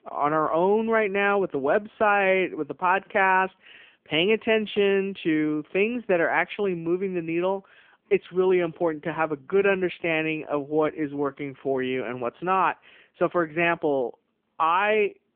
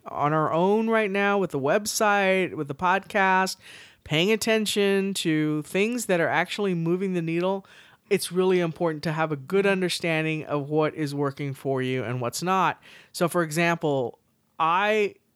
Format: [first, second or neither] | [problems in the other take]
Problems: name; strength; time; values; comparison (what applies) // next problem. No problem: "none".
second | phone-call audio; poor line